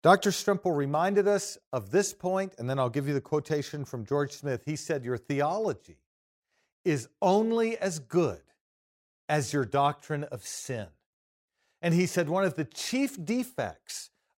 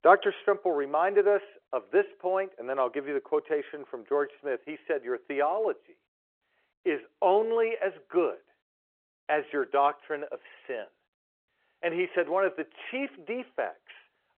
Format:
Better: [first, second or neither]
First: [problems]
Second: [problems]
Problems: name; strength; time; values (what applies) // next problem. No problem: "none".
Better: first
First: none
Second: phone-call audio